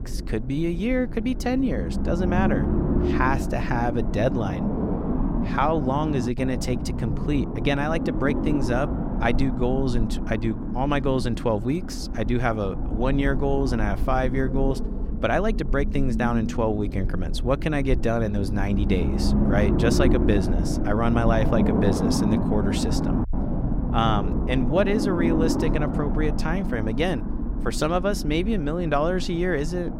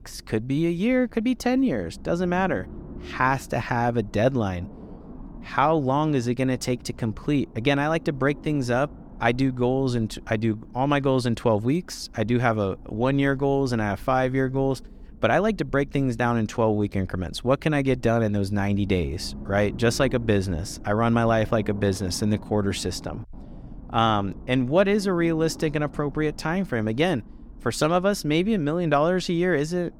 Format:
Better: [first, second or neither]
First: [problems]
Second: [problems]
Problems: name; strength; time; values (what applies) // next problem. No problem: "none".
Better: second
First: low rumble; loud; throughout; 6 dB below the speech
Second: low rumble; faint; throughout; 25 dB below the speech